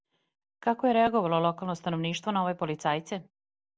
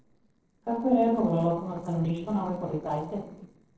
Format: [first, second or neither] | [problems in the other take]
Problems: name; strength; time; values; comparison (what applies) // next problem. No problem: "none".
first | noise reduction (neural separator model SepFormer DNS4)